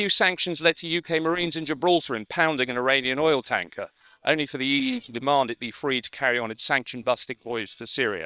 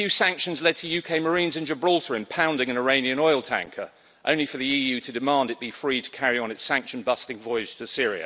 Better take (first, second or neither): second